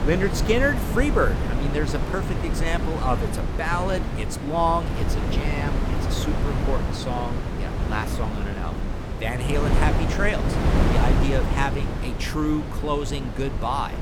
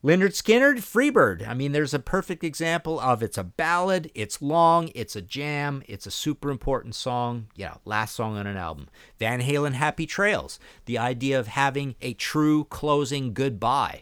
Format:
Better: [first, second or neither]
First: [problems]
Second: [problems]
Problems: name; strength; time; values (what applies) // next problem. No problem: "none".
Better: second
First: wind noise on the microphone; heavy; 5 dB below the speech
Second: none